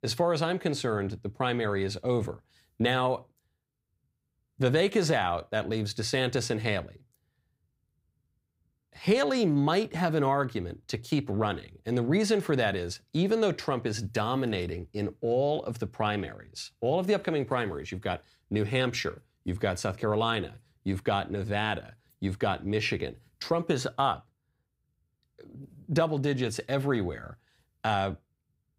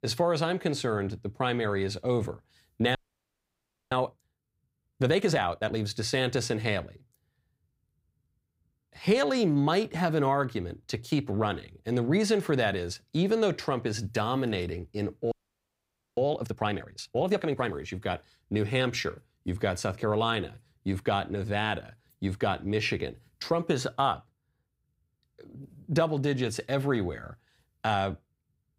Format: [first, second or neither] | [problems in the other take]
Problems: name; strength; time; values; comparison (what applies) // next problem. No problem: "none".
first | audio freezing; at 3 s for 1 s and at 15 s for 1 s